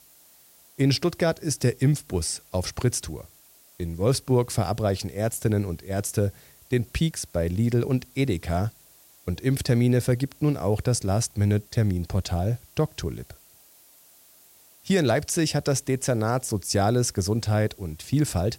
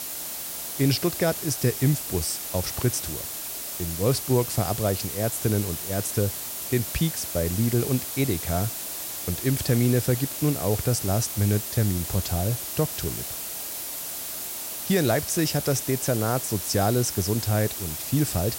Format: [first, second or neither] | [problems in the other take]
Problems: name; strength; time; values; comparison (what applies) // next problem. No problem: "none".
first | hiss; loud; throughout; 4 dB below the speech; faint in the first